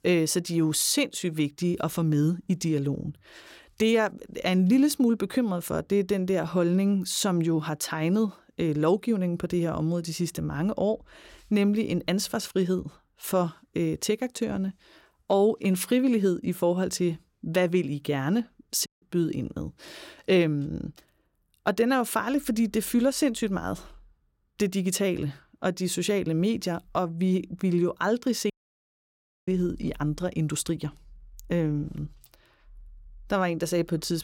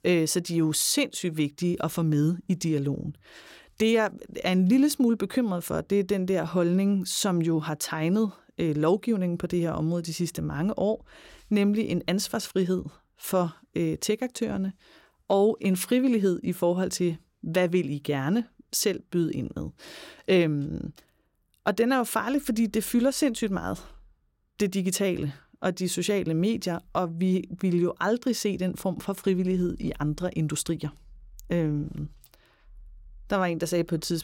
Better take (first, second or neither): second